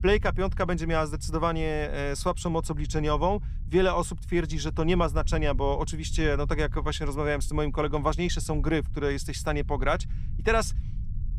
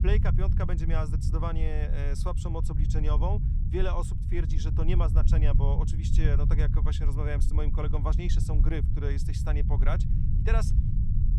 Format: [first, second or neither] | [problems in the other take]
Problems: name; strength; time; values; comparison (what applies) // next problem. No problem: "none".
first | low rumble; loud; throughout; 6 dB below the speech; faint in the first